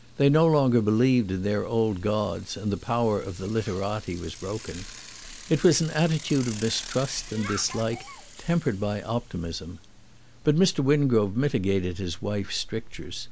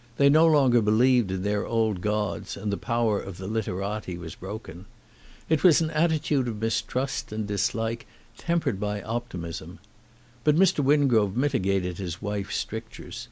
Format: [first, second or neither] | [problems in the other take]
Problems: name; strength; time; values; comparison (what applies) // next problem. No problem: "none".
second | background sound (Bicycle); 16 dB below the speech